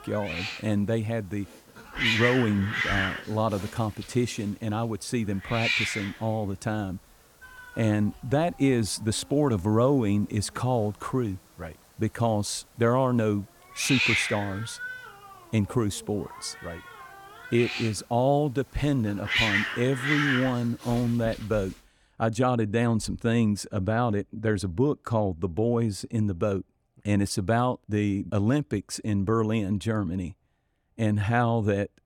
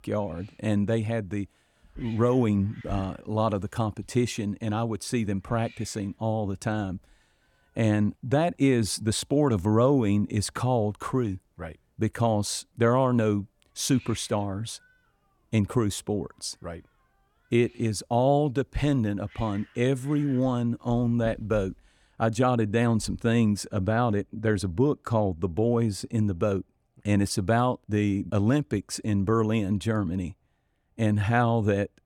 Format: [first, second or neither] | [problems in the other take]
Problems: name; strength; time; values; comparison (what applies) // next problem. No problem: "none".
second | hiss; loud; until 22 s; 1 dB below the speech; faint in the second